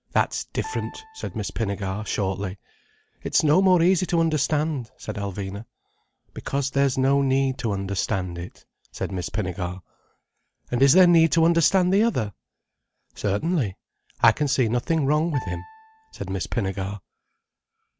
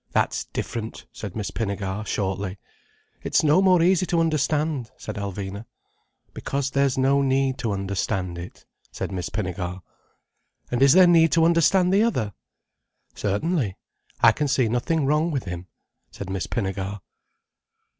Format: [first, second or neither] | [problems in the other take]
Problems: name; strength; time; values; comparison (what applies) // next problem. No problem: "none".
second | background sound (Piano); 17 dB below the speech